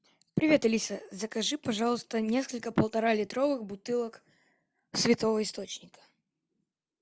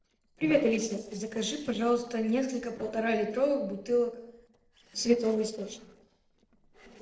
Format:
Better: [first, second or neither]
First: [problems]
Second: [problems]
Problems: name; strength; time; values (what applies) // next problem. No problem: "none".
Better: first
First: none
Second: noise reduction (neural separator model SepFormer DNS4)